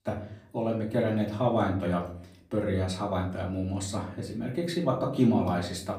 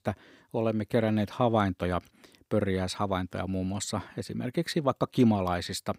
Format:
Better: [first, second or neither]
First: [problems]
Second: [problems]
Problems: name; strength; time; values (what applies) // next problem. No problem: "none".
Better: second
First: off-mic speech; far // room echo; slight; dies away in 0.5 s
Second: none